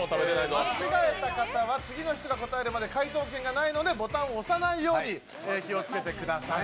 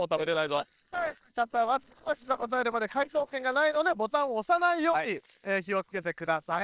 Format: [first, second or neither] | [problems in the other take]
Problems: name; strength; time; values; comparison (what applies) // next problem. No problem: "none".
first | noise reduction (neural separator model SepFormer WHAM!)